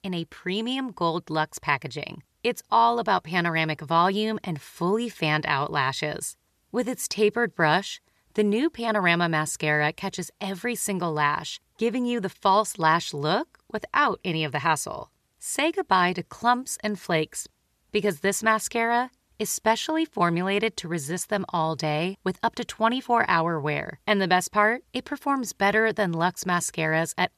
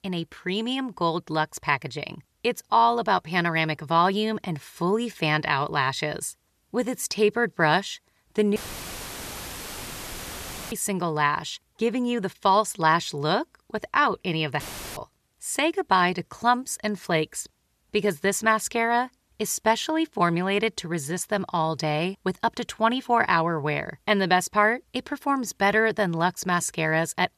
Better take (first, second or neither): first